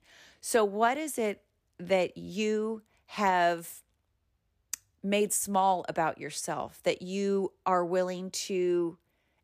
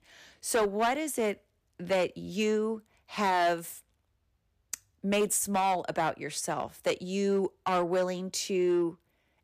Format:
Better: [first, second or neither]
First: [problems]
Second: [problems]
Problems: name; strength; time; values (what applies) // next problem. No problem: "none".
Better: first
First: none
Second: distortion; slight; 5% of the sound clipped